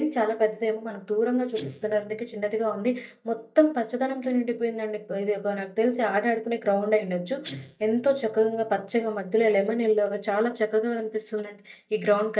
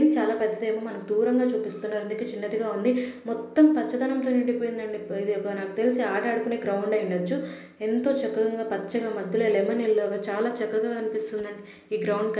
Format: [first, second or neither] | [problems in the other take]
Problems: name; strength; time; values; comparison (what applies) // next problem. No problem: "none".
second | noise reduction (neural mask model DeepFilterNet 3)